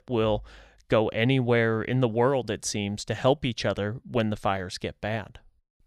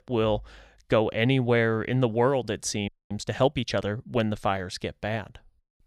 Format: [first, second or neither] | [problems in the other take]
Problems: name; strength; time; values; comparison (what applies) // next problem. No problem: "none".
first | audio freezing; at 3 s